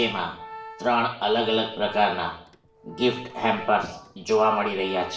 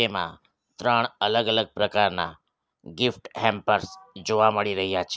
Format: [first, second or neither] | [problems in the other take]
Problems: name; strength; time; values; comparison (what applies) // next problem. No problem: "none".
second | background sound (Organ); 16 dB below the speech // room echo; dies away in 0.5 s